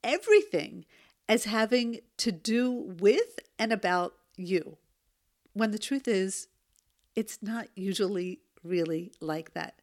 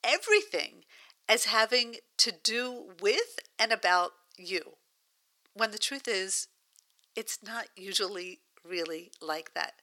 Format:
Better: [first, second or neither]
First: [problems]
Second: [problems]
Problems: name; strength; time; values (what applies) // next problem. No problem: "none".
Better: first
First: none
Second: thin; very; fading below 700 Hz